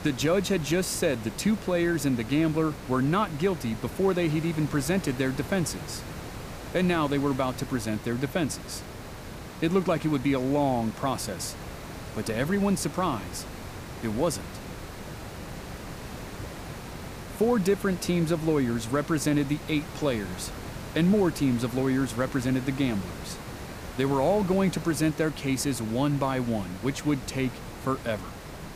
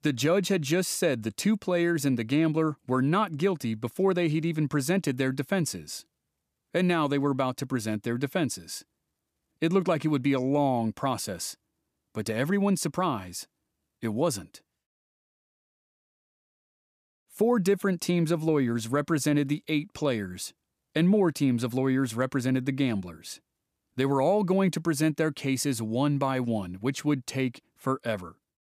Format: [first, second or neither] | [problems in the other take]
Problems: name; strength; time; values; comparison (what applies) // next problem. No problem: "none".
second | hiss; noticeable; throughout; 10 dB below the speech